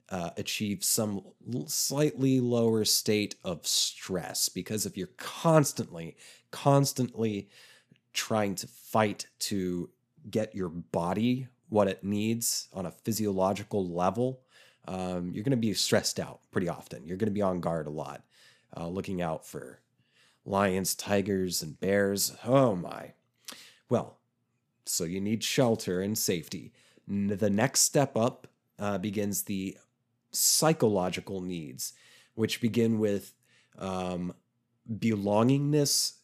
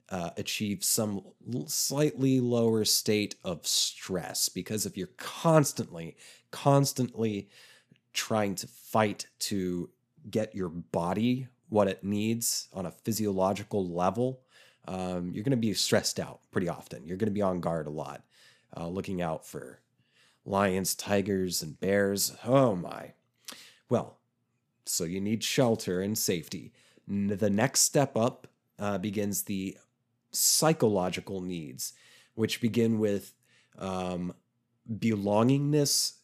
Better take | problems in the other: neither | none

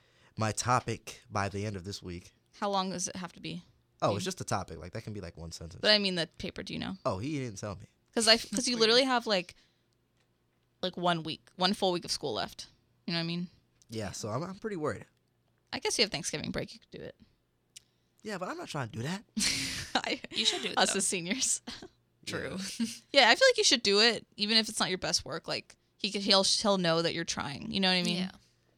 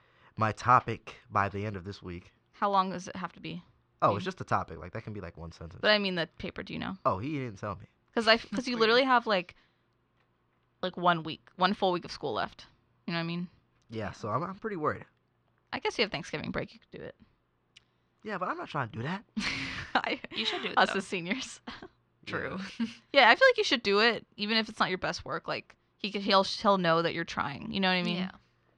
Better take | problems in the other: first | muffled; slightly; fading above 2.5 kHz

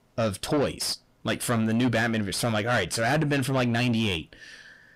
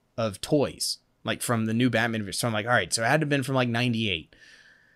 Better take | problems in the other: second | distortion; heavy; 8 dB below the speech

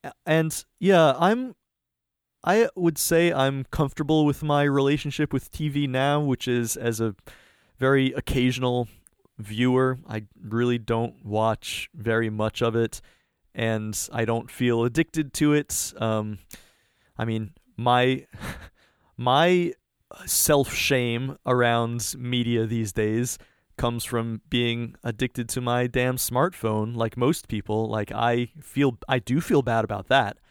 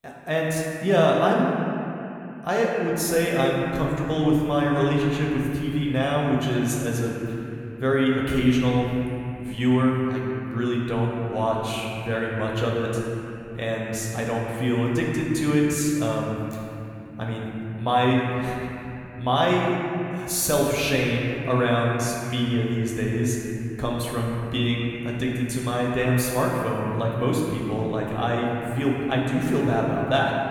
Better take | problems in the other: first | room echo; noticeable; dies away in 2.9 s // off-mic speech; somewhat distant

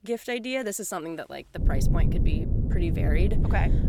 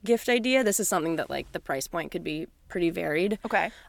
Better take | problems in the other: second | low rumble; loud; from 1.5 s on; 5 dB below the speech

